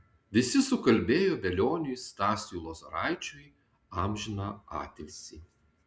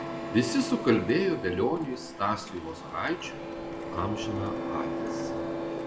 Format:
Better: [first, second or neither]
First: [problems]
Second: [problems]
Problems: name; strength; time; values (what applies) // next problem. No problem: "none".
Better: first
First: none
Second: background sound (Printer); 5 dB below the speech // room echo; dies away in 1 s